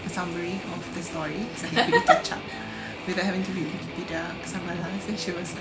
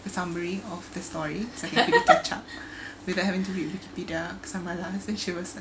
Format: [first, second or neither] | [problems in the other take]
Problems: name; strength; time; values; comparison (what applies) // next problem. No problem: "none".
second | background sound (Guitar); 8 dB below the speech